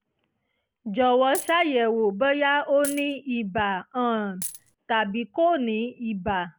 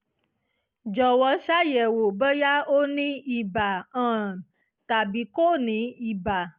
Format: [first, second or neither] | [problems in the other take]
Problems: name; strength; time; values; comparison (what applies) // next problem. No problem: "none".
second | background sound (Coin (dropping)); 10 dB below the speech